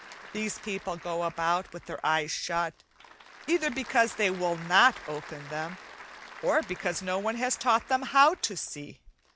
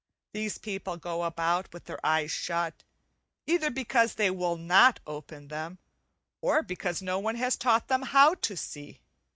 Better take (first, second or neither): second